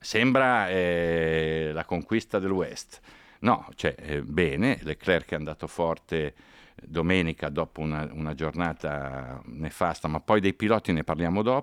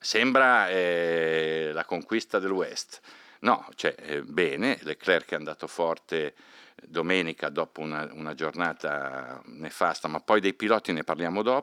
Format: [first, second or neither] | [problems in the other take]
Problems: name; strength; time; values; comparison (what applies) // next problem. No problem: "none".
first | thin; very slightly; fading below 300 Hz